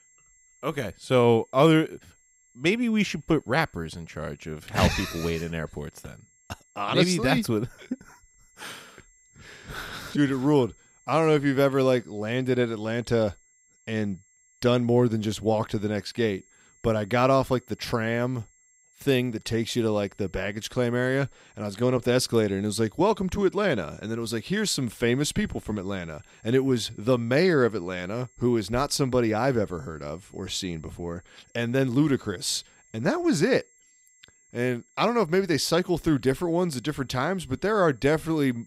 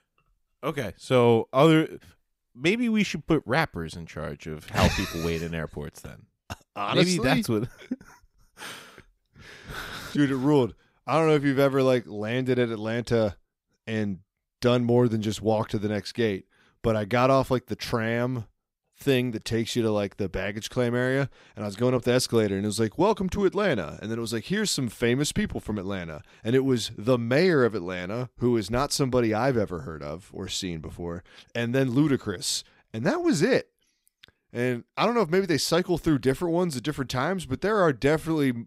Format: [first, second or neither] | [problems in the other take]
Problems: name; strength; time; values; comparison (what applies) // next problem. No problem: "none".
second | high-pitched whine; faint; throughout; 7.5 kHz, 30 dB below the speech